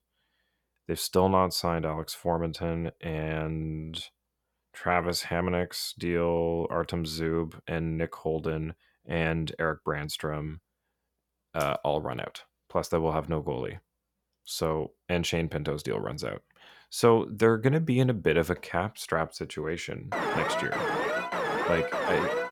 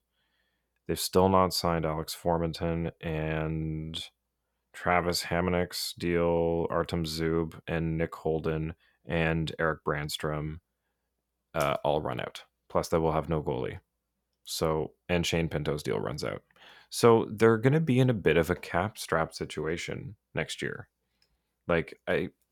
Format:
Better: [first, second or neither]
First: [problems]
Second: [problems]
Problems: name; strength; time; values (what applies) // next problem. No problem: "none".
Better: second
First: alarm; loud; from 20 s on; peak 1 dB above the speech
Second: none